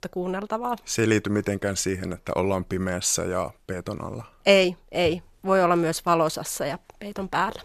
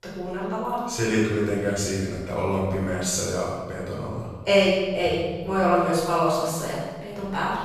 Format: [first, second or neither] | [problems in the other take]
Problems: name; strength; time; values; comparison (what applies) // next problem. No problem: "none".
first | off-mic speech; far // room echo; strong; dies away in 1.4 s